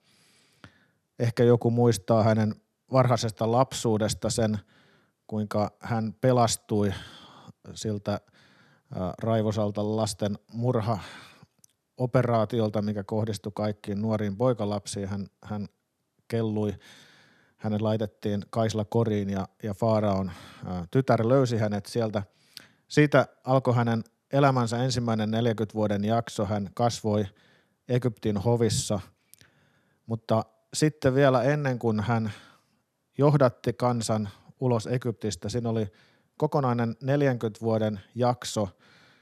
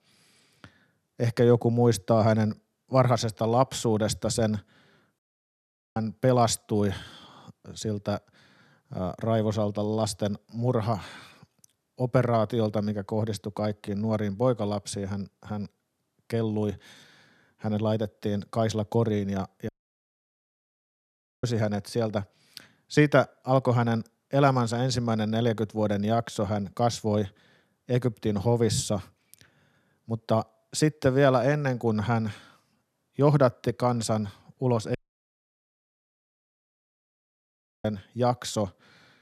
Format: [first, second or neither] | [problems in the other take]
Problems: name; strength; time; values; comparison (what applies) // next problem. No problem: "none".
first | audio cutting out; at 5 s for 1 s, at 20 s for 1.5 s and at 35 s for 3 s